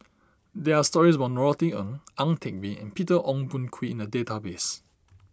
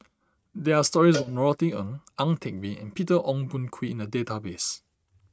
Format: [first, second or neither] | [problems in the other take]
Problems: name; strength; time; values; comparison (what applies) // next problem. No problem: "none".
first | noise reduction (neural mask model RNNoise)